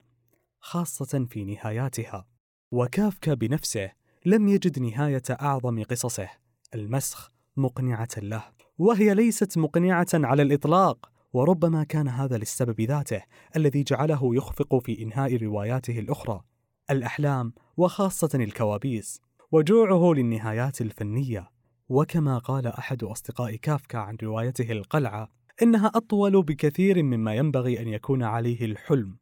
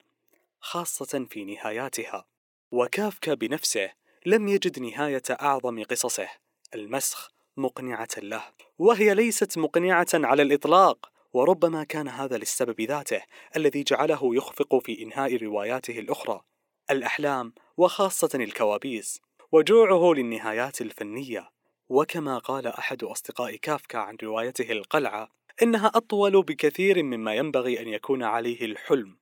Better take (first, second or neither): first